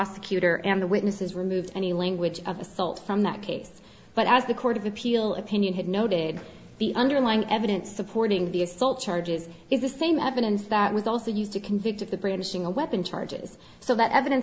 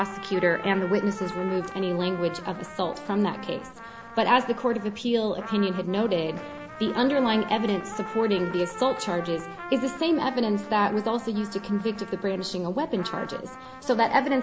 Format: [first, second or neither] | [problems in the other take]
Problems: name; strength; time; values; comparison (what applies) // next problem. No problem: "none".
first | background sound (Trumpet); 13 dB below the speech